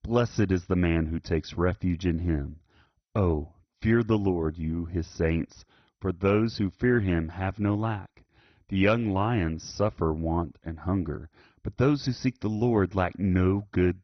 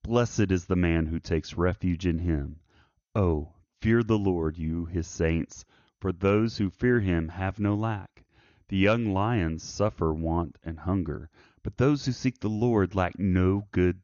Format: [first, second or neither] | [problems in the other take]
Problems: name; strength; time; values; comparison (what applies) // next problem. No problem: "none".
second | garbled, watery; badly; nothing above 6 kHz; slightly in the second